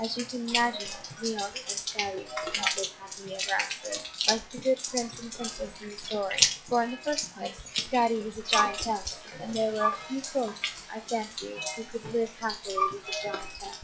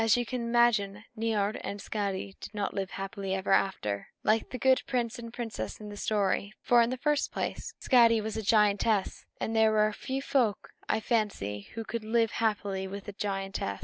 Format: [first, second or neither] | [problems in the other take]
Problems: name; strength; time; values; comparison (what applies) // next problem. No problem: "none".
second | noise reduction (classical method log-MMSE)